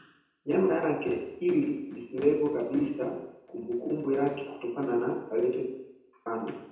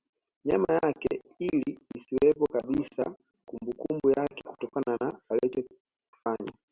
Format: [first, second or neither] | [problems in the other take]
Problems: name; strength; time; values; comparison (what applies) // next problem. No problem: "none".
second | room echo; dies away in 0.9 s